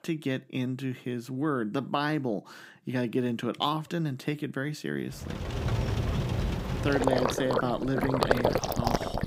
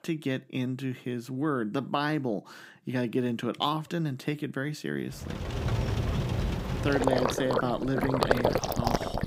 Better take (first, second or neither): neither